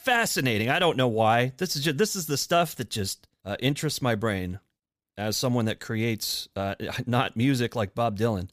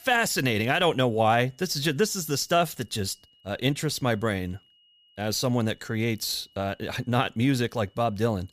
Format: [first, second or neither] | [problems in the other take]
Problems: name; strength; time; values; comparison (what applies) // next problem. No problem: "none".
first | high-pitched whine; faint; throughout; 3 kHz, 35 dB below the speech